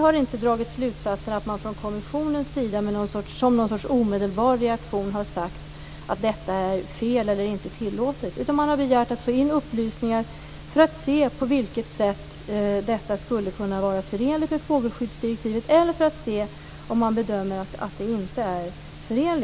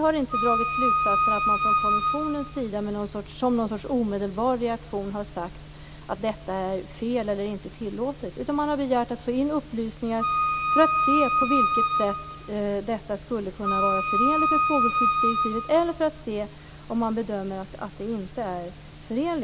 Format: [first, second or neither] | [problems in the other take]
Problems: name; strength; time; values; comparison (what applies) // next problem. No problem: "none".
first | background sound (Wind instrument, woodwind instrument); 4 dB above the speech